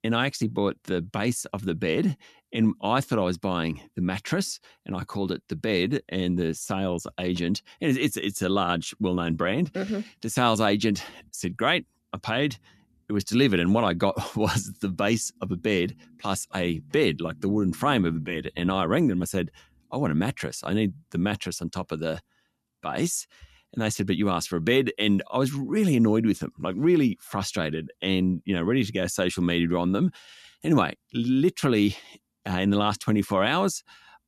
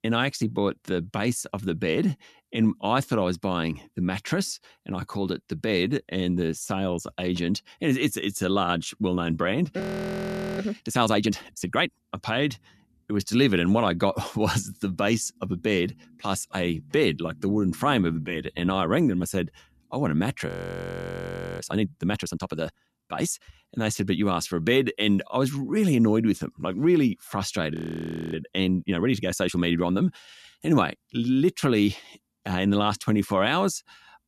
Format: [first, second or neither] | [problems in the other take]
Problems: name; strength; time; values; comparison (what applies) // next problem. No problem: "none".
first | audio freezing; at 10 s for 1 s, at 20 s for 1 s and at 28 s for 0.5 s